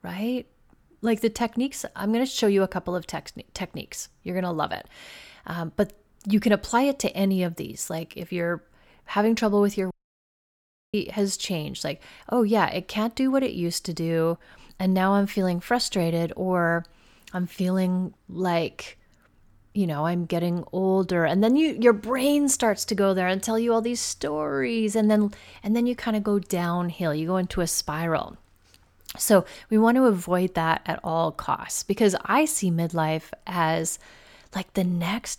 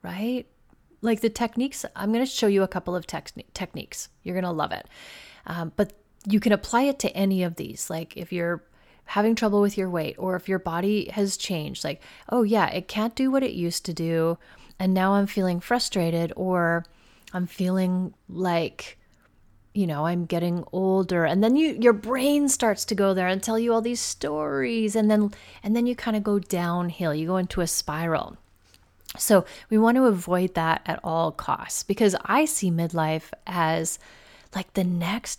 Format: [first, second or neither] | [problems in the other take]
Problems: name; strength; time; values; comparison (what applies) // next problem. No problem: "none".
second | audio cutting out; at 10 s for 1 s